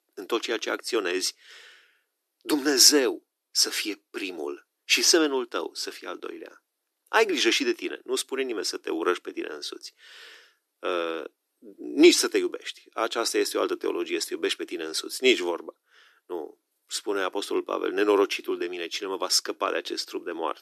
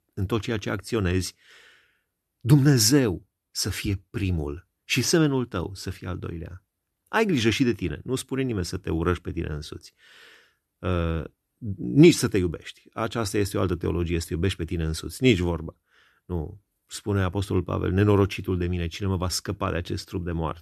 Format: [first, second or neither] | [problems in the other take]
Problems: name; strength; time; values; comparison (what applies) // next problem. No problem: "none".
second | thin; very; fading below 350 Hz